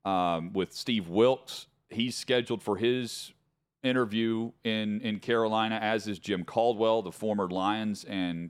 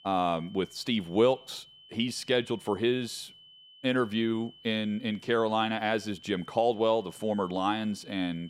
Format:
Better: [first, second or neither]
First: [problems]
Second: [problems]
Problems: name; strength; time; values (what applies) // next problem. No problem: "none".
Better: first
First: none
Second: high-pitched whine; faint; throughout; 3 kHz, 25 dB below the speech